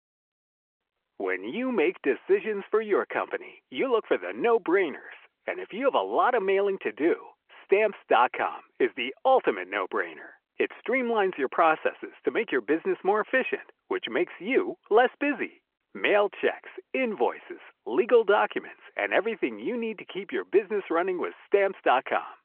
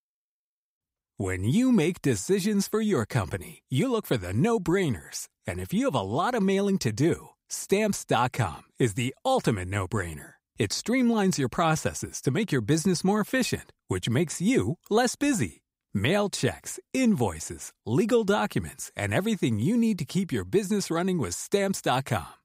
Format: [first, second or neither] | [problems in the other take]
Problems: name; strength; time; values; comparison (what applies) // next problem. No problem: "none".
second | phone-call audio